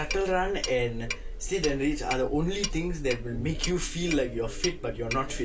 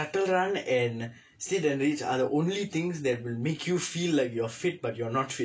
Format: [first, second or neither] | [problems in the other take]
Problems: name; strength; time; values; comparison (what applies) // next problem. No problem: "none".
second | background sound (Clock); 4 dB below the speech